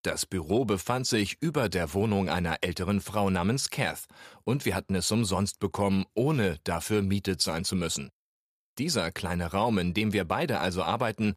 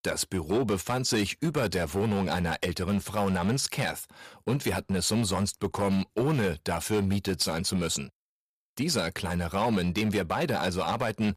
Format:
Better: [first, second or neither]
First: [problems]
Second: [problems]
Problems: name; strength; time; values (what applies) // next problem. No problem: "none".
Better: first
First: none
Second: distortion; slight; 6% of the sound clipped